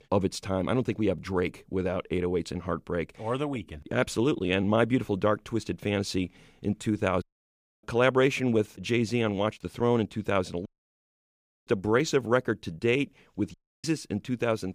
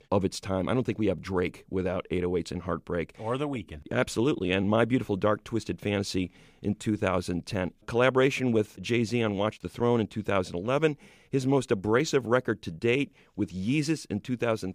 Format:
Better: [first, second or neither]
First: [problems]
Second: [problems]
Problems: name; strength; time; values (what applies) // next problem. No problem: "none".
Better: second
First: audio cutting out; at 7 s for 0.5 s, at 11 s for 1 s and at 14 s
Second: none